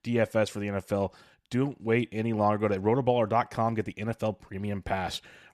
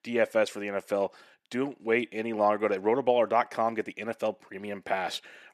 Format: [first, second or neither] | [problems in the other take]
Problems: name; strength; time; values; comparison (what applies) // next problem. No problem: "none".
first | thin; somewhat; fading below 350 Hz